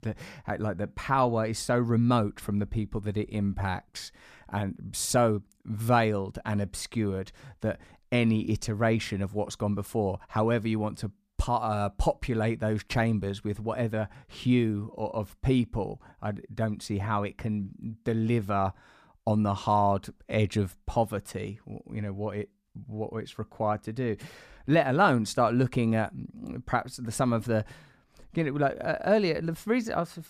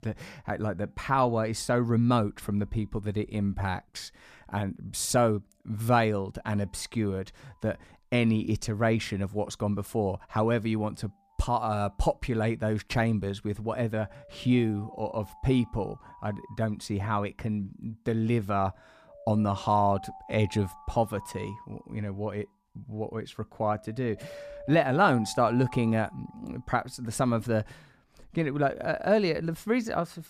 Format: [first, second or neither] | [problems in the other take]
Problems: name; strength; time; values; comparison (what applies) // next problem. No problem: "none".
first | alarms or sirens; noticeable; throughout; 20 dB below the speech